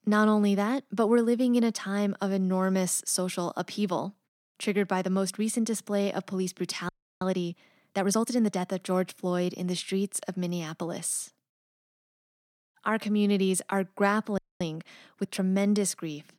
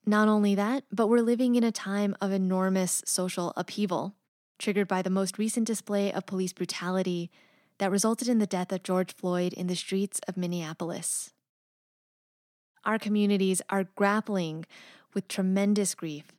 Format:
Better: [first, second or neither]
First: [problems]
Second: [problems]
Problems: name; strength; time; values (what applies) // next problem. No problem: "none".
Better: second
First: audio freezing; at 7 s and at 14 s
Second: none